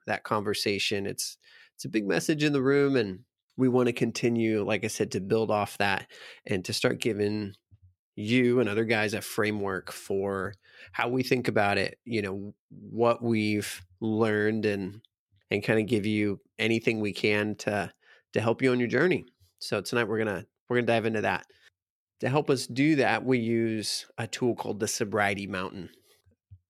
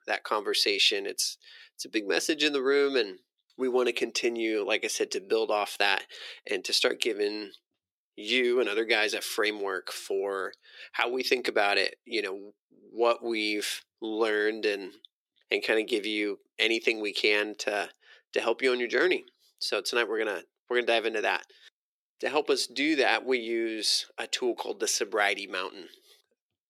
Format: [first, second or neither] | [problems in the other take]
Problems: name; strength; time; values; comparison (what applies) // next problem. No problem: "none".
first | thin; somewhat; fading below 350 Hz